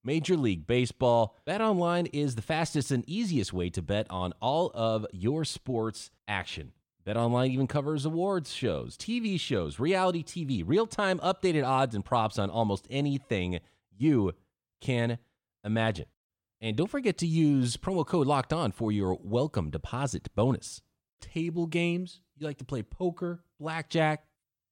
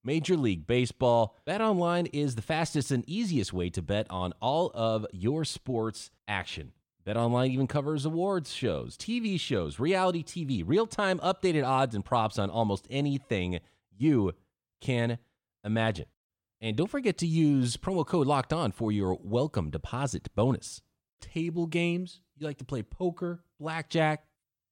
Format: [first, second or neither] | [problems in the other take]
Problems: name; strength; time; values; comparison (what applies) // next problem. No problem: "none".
neither | none